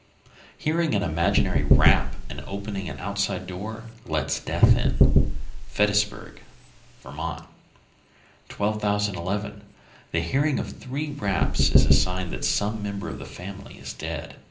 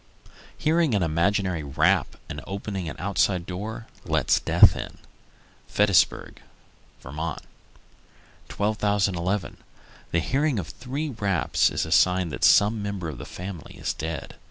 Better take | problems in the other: second | background sound (Knock / Wood); 4 dB above the speech // room echo; dies away in 0.5 s

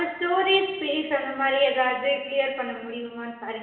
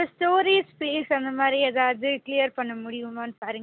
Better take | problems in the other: second | room echo; dies away in 1.1 s

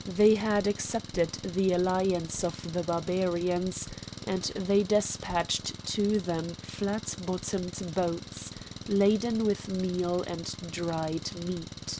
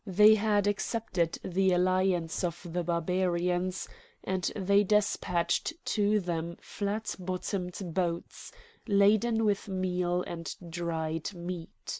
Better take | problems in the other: second | background sound (Engine); 13 dB below the speech

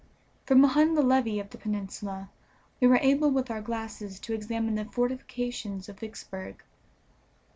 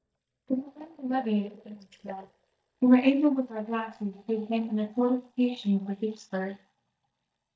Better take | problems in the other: first | noise reduction (neural mask model DeepFilterNet 3)

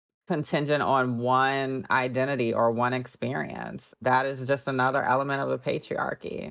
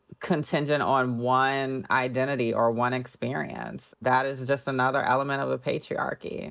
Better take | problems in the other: second | noise reduction (neural mask model DeepFilterNet 3)

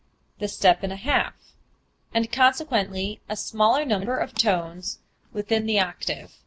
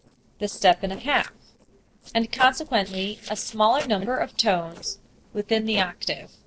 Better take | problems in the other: first | noise reduction (neural separator model SepFormer DNS4)

